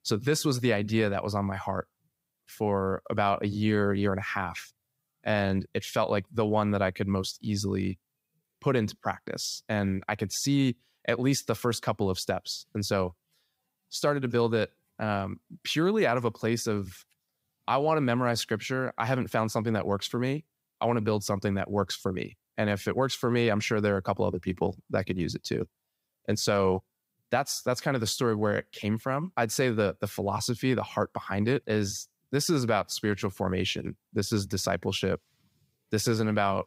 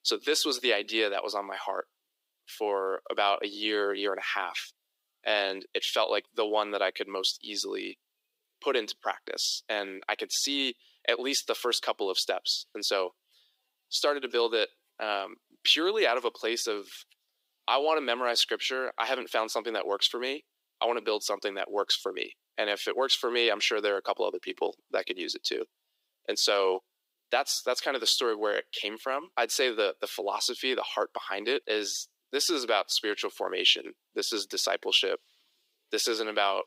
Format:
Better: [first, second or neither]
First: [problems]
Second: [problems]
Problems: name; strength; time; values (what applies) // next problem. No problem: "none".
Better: first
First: none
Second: thin; very; fading below 350 Hz